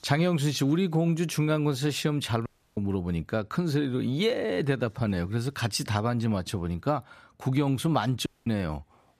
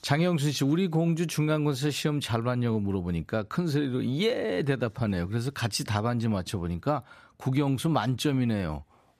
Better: second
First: audio cutting out; at 2.5 s and at 8.5 s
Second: none

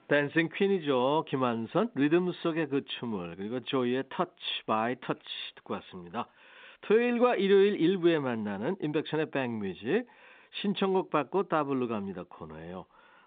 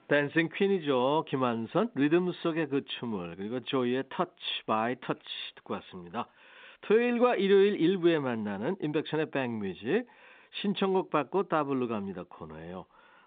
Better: neither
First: phone-call audio; nothing above 3.5 kHz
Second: phone-call audio; nothing above 3.5 kHz

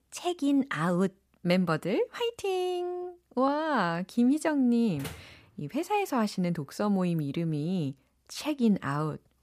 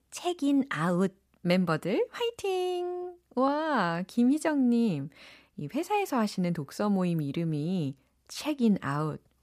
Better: second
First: door banging; faint; at 5 s; peak 15 dB below the speech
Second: none

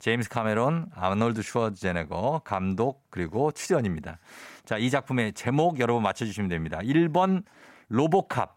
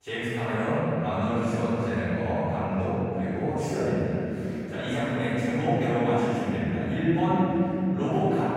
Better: first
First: none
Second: off-mic speech; far // room echo; strong; dies away in 3 s

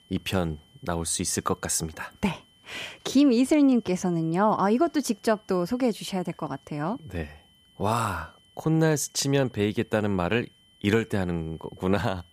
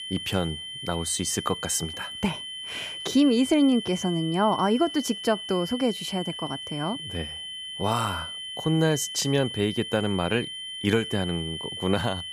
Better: first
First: high-pitched whine; faint; throughout; 3 kHz, 30 dB below the speech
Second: high-pitched whine; loud; throughout; 3 kHz, 7 dB below the speech

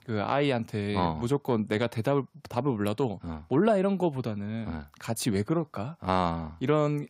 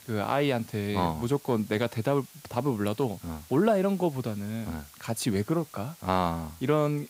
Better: first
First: none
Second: hiss; faint; throughout; 20 dB below the speech

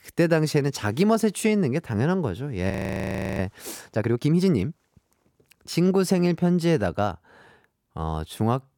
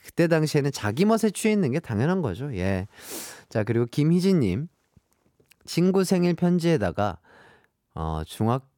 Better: second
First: audio freezing; at 2.5 s for 0.5 s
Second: none

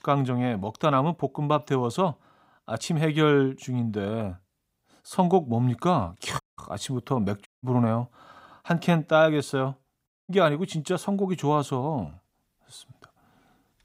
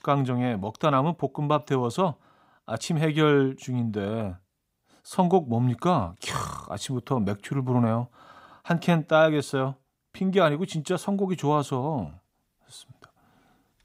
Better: second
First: audio cutting out; at 6.5 s, at 7.5 s and at 10 s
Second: none

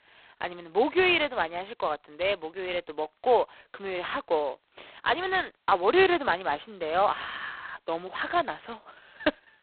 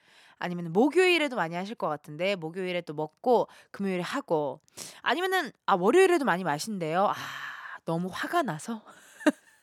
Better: second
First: phone-call audio; poor line; nothing above 4 kHz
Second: none

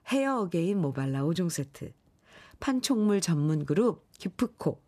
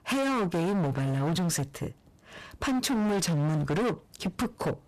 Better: first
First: none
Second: distortion; heavy; 31% of the sound clipped

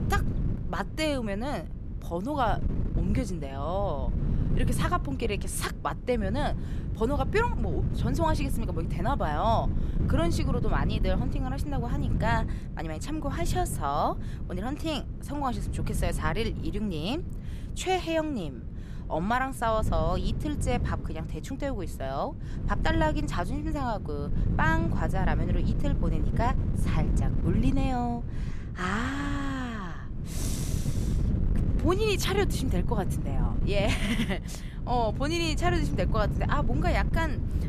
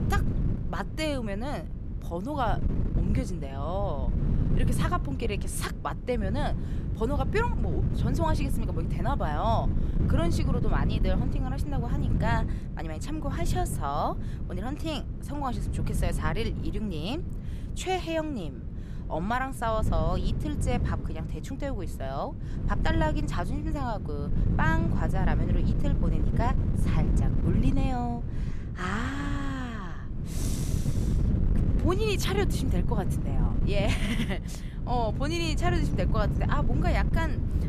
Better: first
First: wind noise on the microphone; occasional gusts; 10 dB below the speech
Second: wind noise on the microphone; heavy; 8 dB below the speech

